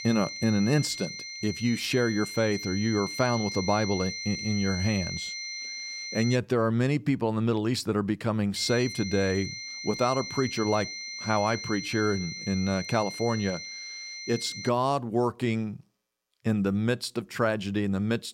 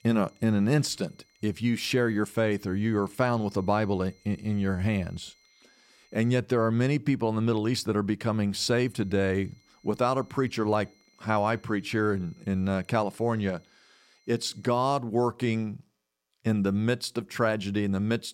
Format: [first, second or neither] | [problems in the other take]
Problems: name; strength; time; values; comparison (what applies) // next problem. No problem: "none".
second | high-pitched whine; loud; until 6.5 s and from 8.5 to 15 s; 2 kHz, 7 dB below the speech; faint in the second